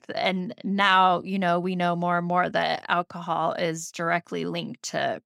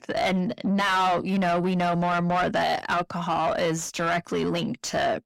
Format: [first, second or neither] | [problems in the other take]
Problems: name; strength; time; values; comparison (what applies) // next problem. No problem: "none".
first | distortion; heavy; 6 dB below the speech